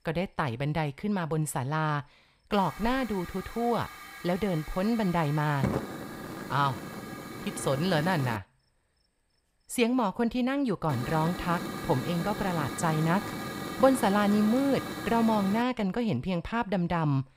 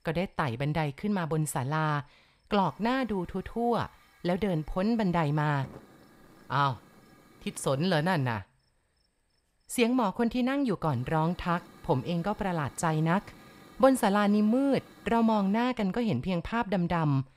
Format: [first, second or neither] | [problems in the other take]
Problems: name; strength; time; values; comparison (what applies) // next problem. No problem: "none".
second | hiss; loud; from 2.5 to 8.5 s and from 11 to 16 s; 9 dB below the speech; faint in the second